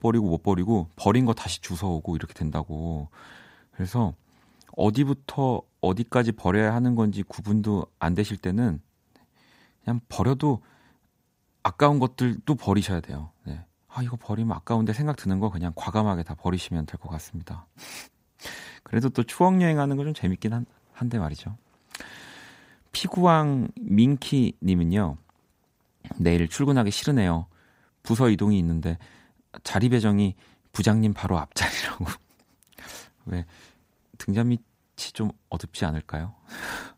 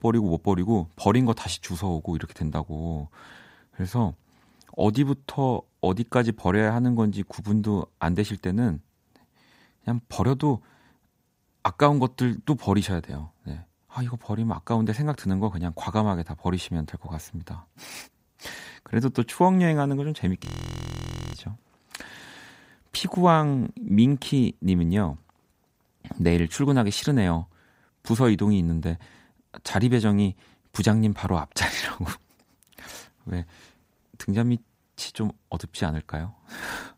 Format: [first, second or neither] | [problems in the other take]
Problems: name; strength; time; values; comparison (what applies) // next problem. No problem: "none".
first | audio freezing; at 20 s for 1 s